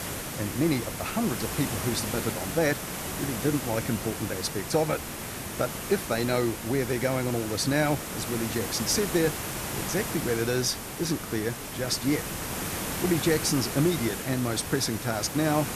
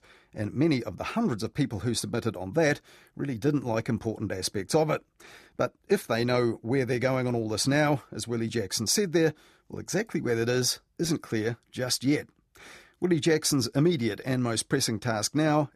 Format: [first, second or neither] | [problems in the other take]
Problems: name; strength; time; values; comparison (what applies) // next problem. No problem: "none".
second | hiss; loud; throughout; 5 dB below the speech